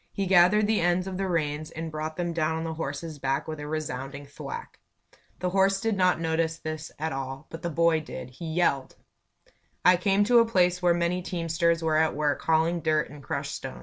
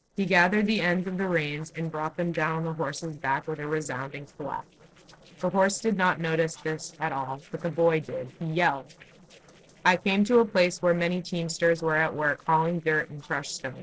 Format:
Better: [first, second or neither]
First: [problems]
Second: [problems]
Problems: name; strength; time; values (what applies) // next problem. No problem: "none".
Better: first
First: none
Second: noise reduction (neural separator model SepFormer DNS4)